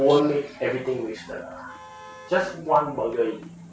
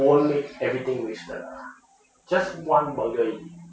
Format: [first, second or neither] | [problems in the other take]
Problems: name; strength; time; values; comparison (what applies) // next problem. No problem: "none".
second | background sound (Motor vehicle (road)); 20 dB below the speech